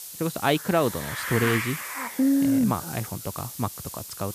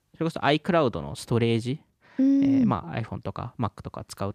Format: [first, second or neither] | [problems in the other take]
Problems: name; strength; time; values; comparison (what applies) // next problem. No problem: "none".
second | hiss; loud; throughout; 7 dB below the speech